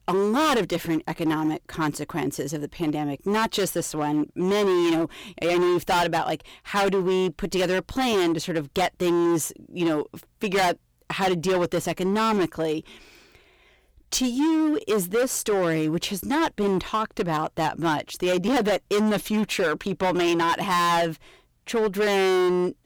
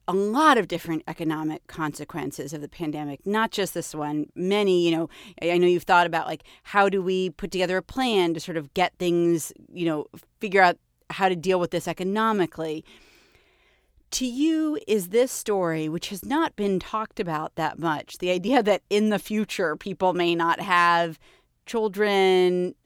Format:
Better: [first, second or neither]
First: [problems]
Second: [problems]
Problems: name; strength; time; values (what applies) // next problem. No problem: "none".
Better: second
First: distortion; heavy; 18% of the sound clipped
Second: none